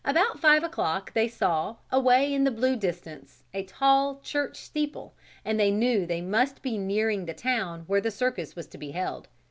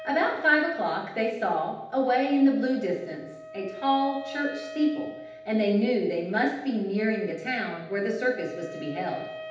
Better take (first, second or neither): first